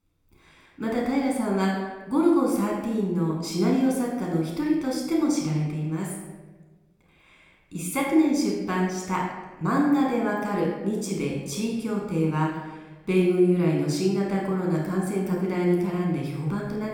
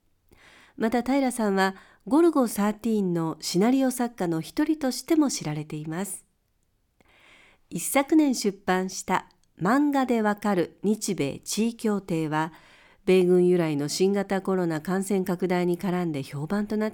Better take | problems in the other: second | off-mic speech; somewhat distant // room echo; noticeable; dies away in 1.1 s

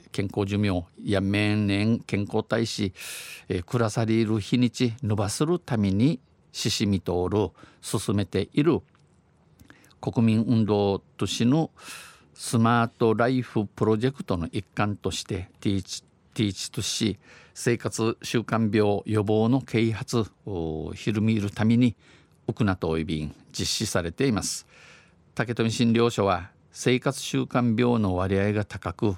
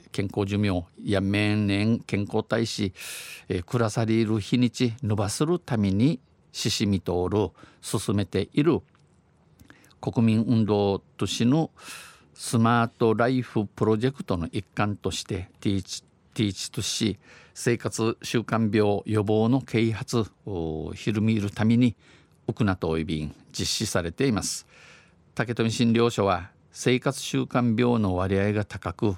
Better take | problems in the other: neither | none

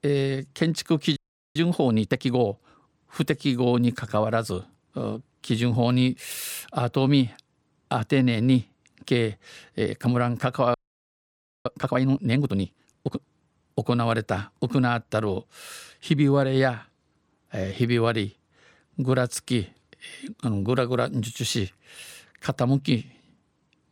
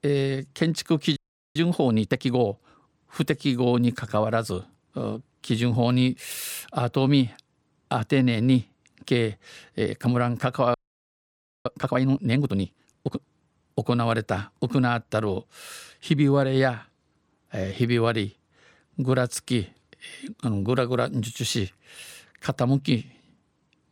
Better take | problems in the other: neither | audio freezing; at 1 s and at 11 s for 1 s; the same in both

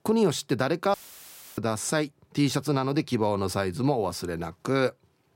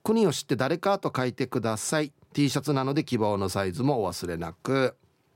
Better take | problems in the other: second | audio cutting out; filled with static; at 1 s for 0.5 s

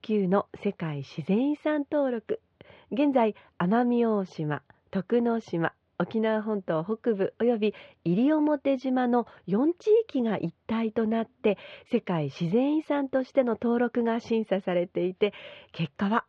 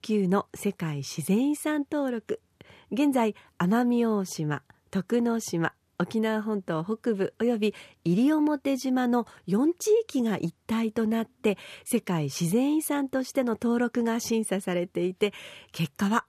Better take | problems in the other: second | muffled; very; fading above 3.5 kHz

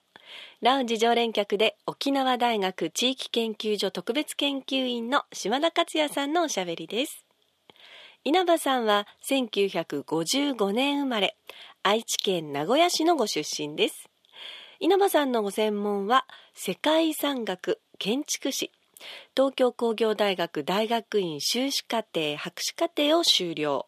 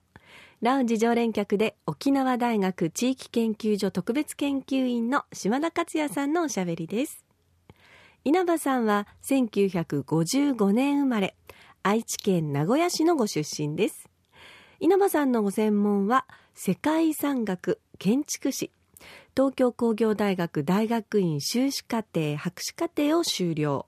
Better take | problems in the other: second | thin; somewhat; fading below 300 Hz

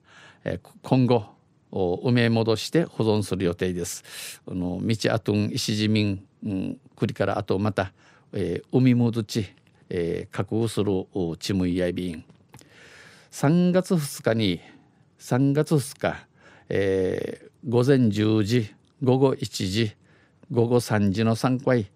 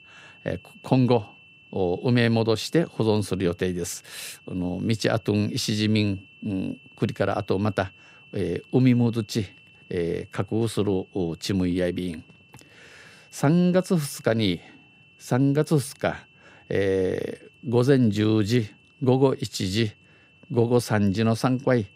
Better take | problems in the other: first | high-pitched whine; faint; throughout; 2.5 kHz, 25 dB below the speech

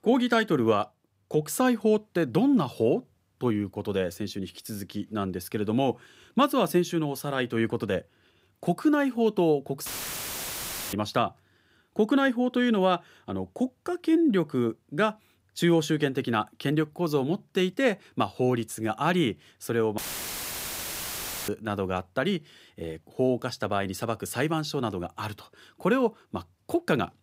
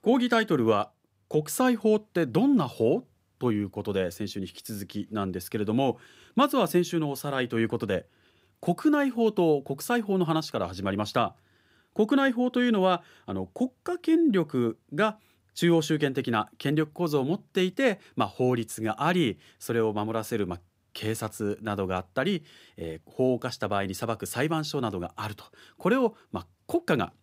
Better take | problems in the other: second | audio cutting out; filled with static; at 10 s for 1 s and at 20 s for 1.5 s

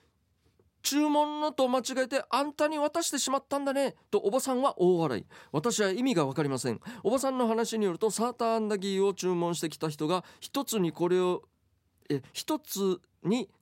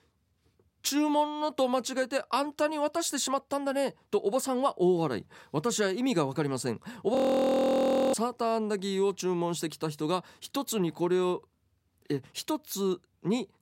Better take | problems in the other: first | audio freezing; at 7 s for 1 s

